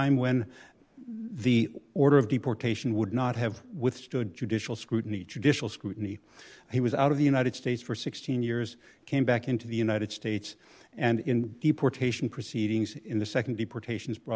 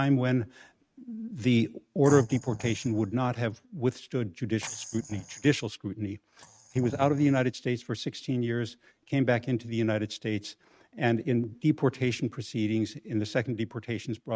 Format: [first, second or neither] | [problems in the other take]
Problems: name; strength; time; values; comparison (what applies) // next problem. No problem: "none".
first | noise reduction (neural mask model RNNoise)